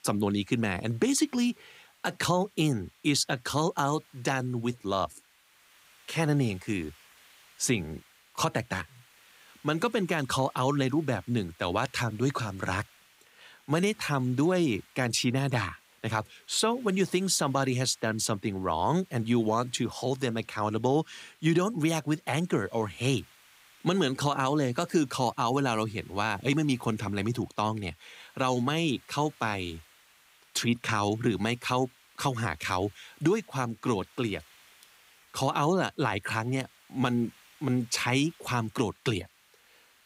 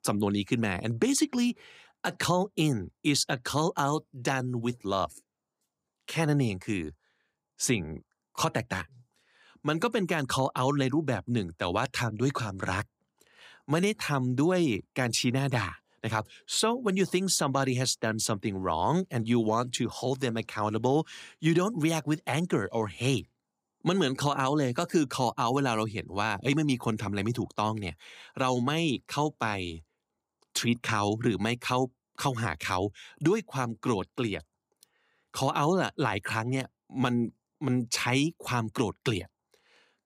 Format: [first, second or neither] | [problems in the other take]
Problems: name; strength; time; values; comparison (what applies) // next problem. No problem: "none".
second | hiss; faint; throughout; 30 dB below the speech